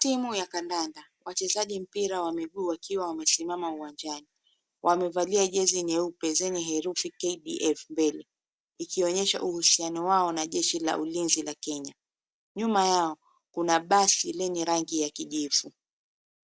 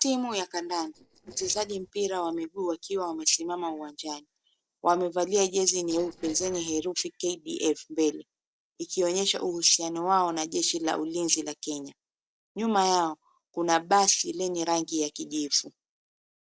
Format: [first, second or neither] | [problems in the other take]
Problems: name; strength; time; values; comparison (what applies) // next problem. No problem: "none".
first | noise reduction (neural separator model SepFormer DNS4)